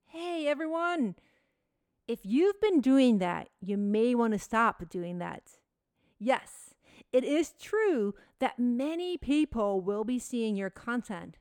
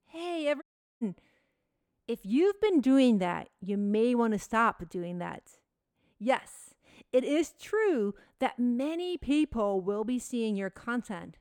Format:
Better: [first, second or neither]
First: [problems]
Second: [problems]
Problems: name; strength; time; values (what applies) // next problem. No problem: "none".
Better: first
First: none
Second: audio cutting out; at 0.5 s